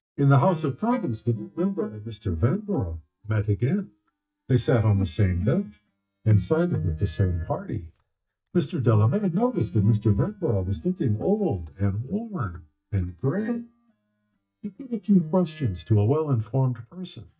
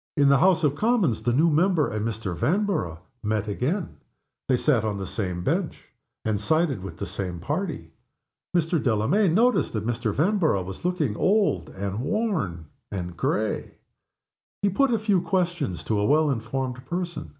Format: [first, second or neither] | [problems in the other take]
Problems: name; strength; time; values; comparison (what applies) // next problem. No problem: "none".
second | noise reduction (neural mask model DeepFilterNet 3)